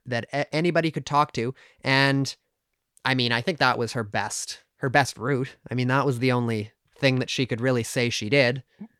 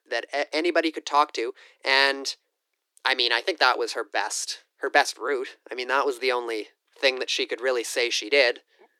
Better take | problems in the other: first | thin; very; fading below 300 Hz

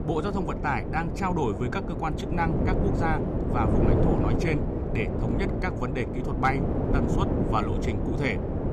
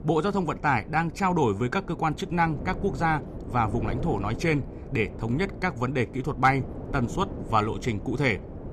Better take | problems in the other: second | wind noise on the microphone; heavy; 2 dB below the speech; occasional gusts in the second

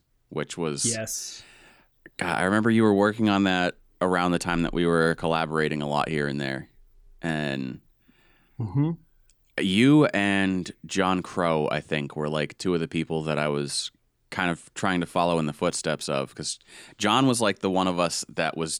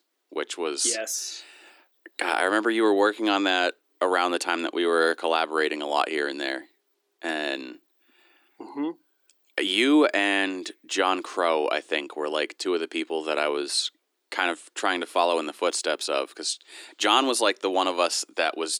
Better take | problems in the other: first | thin; somewhat; fading below 300 Hz

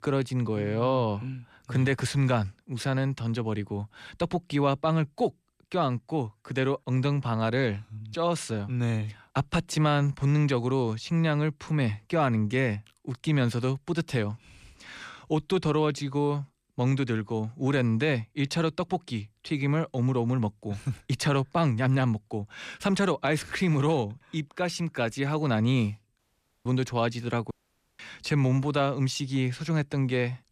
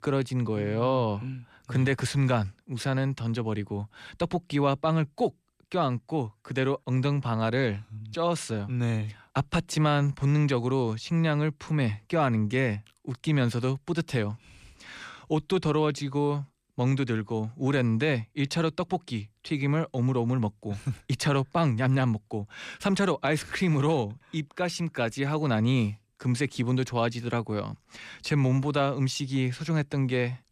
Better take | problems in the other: second | audio cutting out; at 26 s and at 28 s

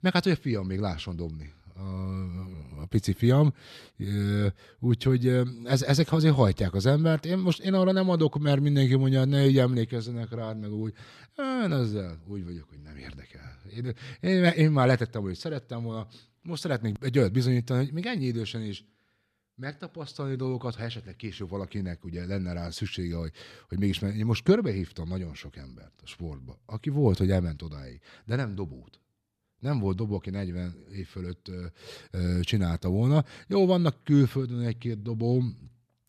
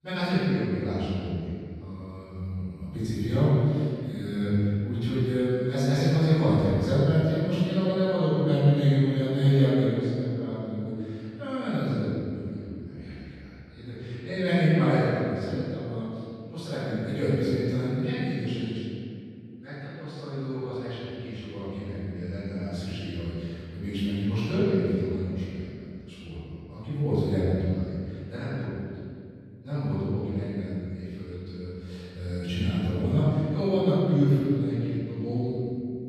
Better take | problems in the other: first | off-mic speech; far // room echo; strong; dies away in 2.2 s

